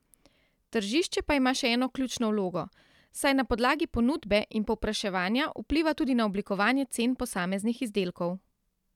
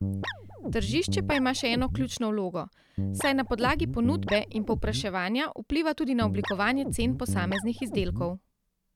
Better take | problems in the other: first | background sound (Guitar); 3 dB below the speech

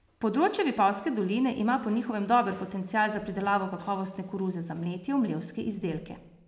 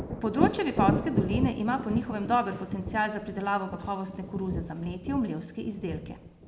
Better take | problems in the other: first | background sound (Thunder); 3 dB below the speech

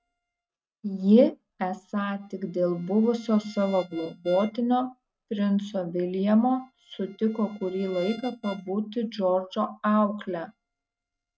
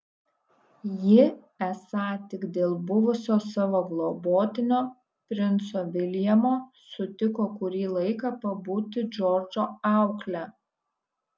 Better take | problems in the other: second | noise reduction (neural mask model RNNoise)

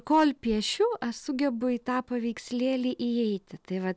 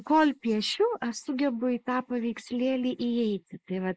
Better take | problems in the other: first | noise reduction (neural mask model Resemble Enhance denoiser)

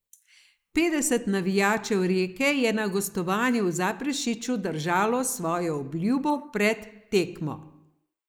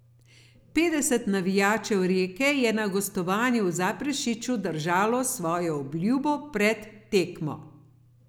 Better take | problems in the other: second | noise reduction (neural mask model Resemble Enhance denoiser)

